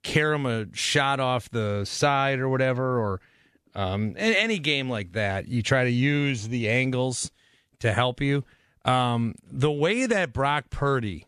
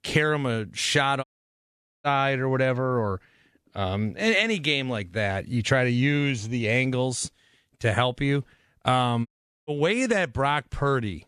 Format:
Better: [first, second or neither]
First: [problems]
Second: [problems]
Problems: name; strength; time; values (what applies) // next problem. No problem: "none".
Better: first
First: none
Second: audio cutting out; at 1 s for 1 s and at 9.5 s